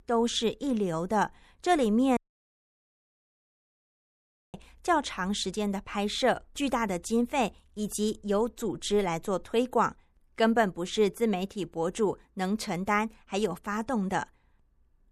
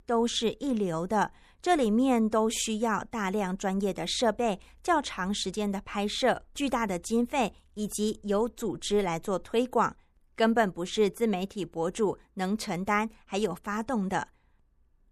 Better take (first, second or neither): second